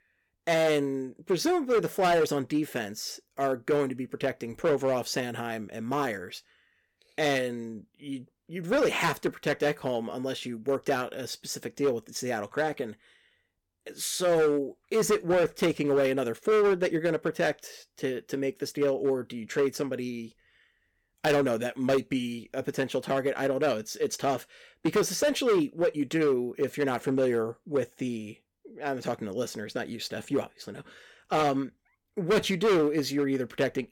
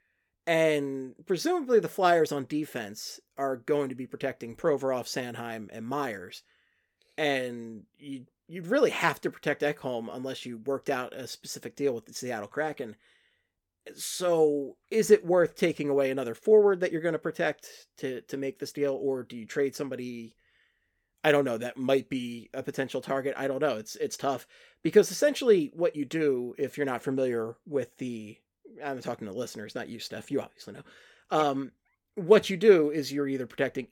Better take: second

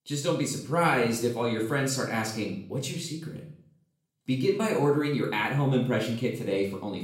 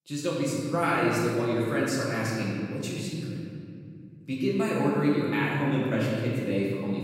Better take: first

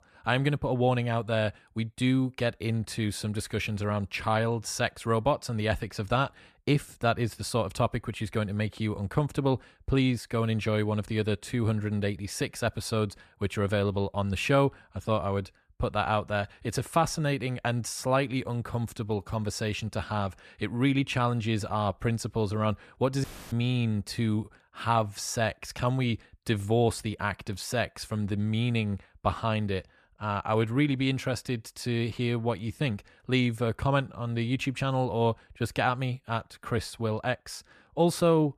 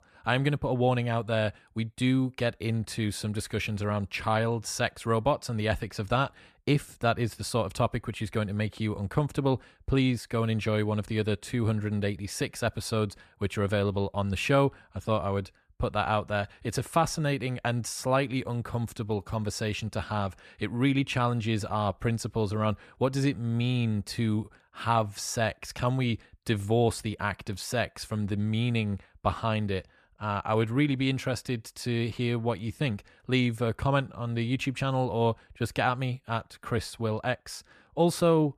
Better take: second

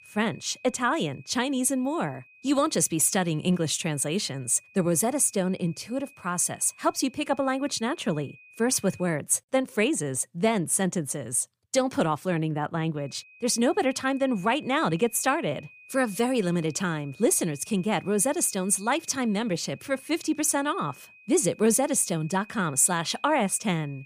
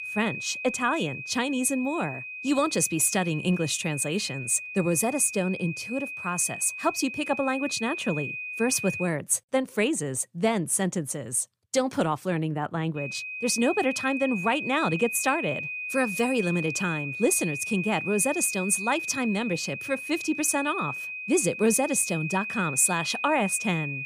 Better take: first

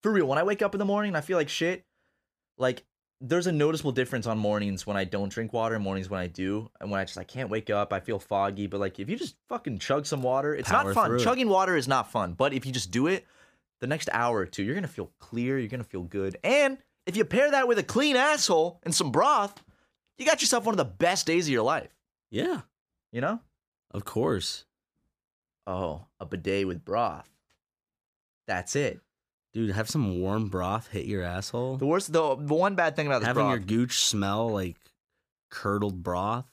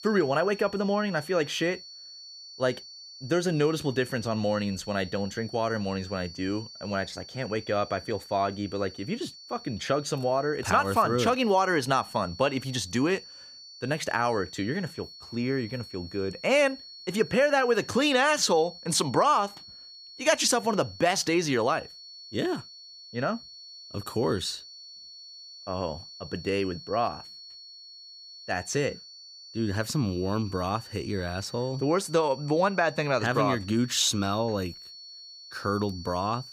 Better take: first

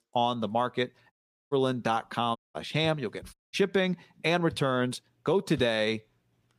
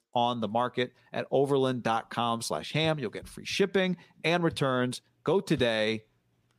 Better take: second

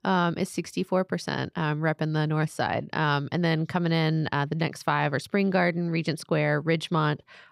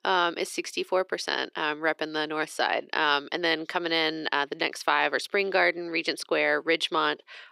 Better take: first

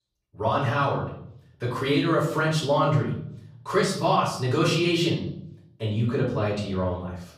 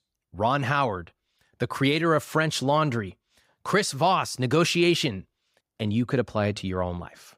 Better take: second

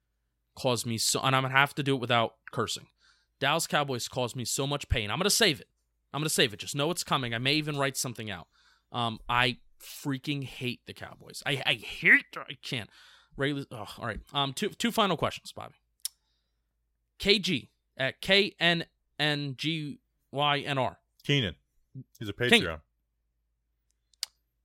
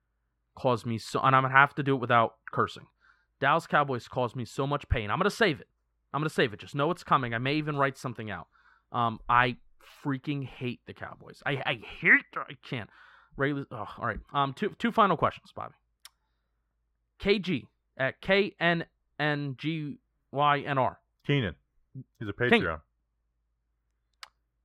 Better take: first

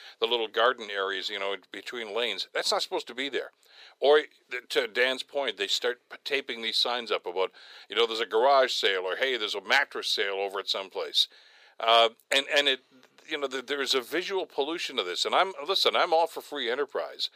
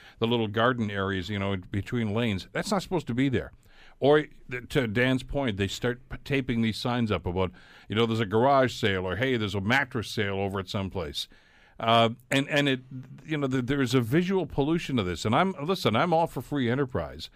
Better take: second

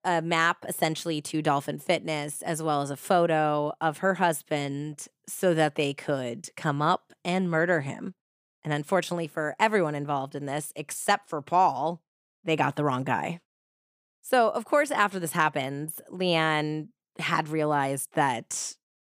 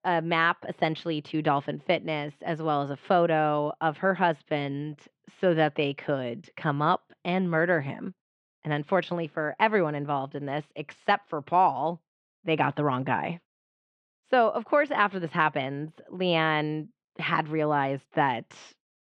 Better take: first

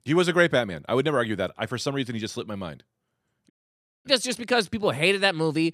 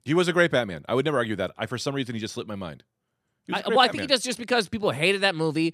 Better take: second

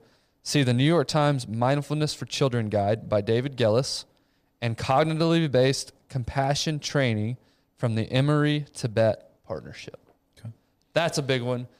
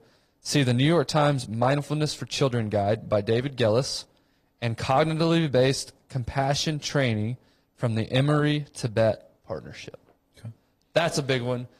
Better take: first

